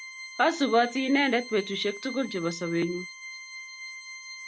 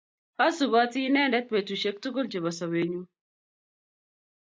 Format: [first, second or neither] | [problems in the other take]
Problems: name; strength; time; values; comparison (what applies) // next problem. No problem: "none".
second | background sound (Organ); 13 dB below the speech